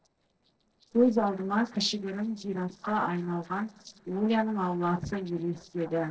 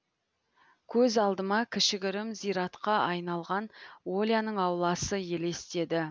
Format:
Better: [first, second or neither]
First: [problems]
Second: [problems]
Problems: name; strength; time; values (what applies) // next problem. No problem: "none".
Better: second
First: noise reduction (neural separator model SepFormer DNS4)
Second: none